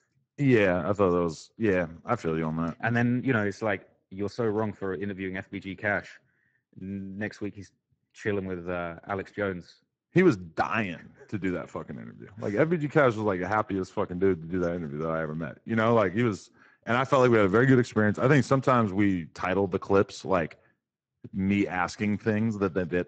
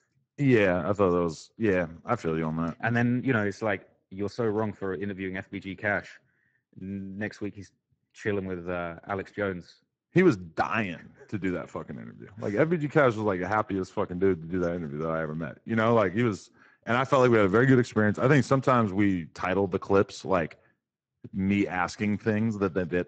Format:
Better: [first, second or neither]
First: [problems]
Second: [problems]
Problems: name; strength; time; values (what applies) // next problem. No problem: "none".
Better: neither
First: garbled, watery; badly; nothing above 8 kHz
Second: garbled, watery; badly; nothing above 8 kHz